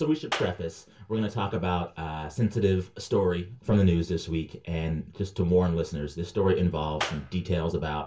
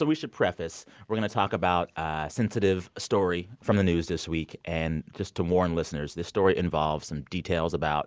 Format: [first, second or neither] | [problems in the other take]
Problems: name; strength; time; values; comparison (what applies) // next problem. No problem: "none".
second | background sound (Clapping); 10 dB below the speech // room echo; dies away in 0.2 s